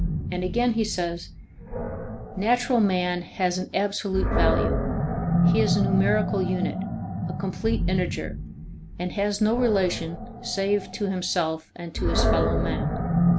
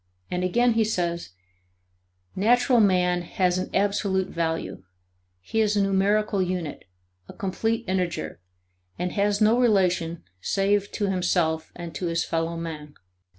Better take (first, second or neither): second